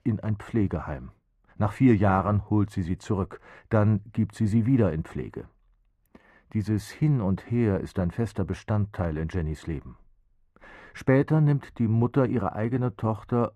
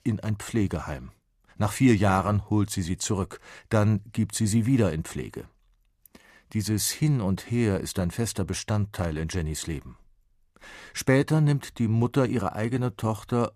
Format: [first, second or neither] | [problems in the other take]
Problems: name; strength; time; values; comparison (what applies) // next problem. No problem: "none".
second | muffled; very; fading above 3 kHz